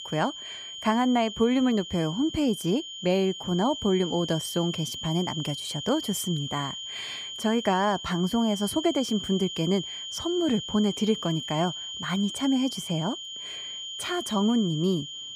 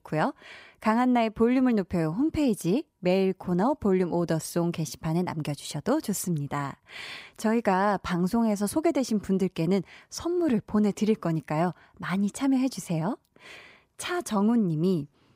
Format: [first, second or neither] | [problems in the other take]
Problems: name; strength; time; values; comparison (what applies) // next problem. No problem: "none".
second | high-pitched whine; loud; throughout; 3 kHz, 7 dB below the speech